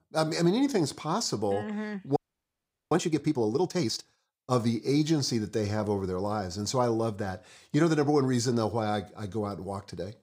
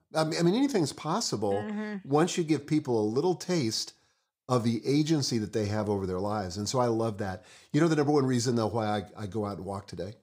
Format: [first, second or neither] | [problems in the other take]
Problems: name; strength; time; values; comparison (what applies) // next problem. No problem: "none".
second | audio freezing; at 2 s for 1 s